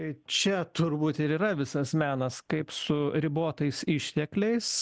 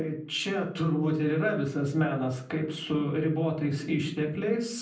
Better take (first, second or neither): first